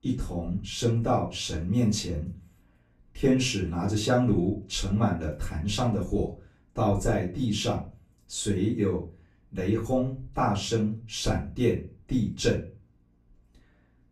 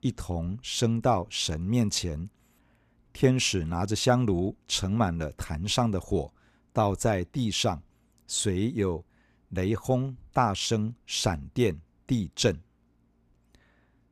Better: second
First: off-mic speech; far // room echo; slight; dies away in 0.3 s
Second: none

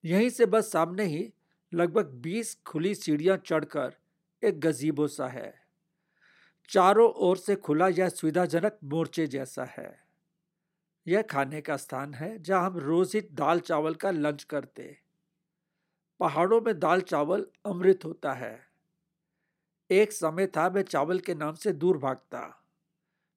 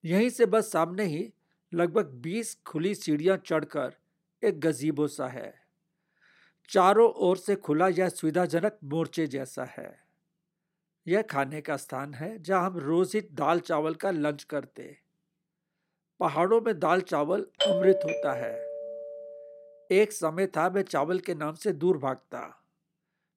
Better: first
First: none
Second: doorbell; loud; from 18 to 19 s; peak 2 dB above the speech

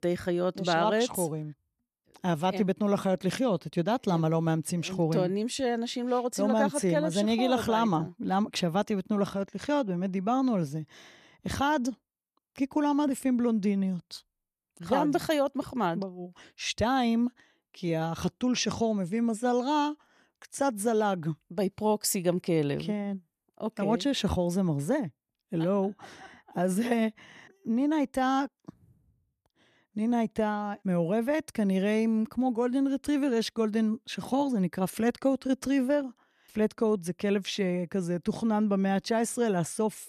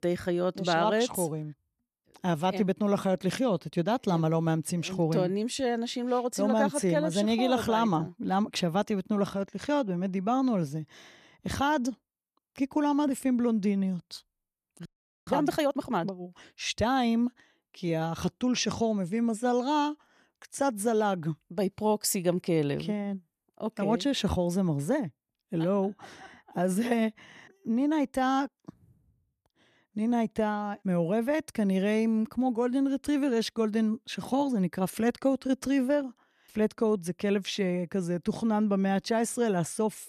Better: first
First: none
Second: audio freezing; at 15 s

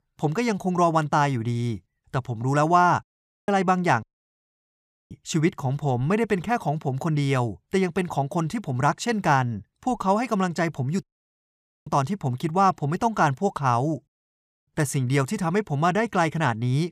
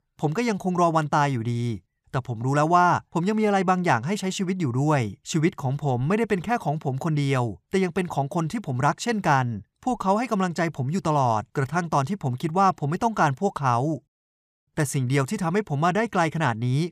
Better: second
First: audio cutting out; at 3 s, at 4 s for 1 s and at 11 s for 1 s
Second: none

